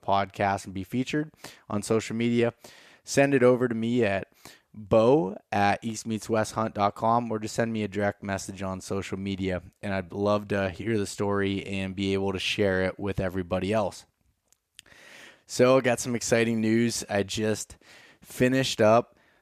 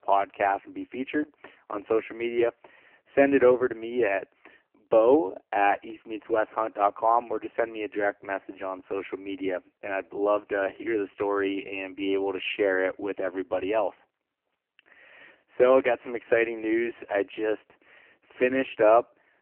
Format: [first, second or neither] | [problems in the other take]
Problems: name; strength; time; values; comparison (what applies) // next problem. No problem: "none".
first | phone-call audio; poor line; nothing above 3 kHz